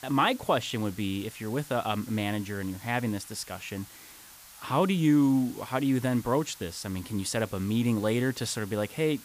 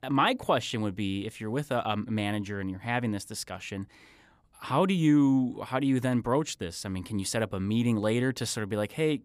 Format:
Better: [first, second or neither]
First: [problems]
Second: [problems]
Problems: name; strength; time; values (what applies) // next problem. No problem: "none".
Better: second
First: hiss; noticeable; throughout; 20 dB below the speech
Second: none